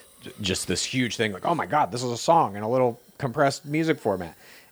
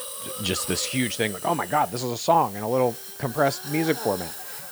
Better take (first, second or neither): first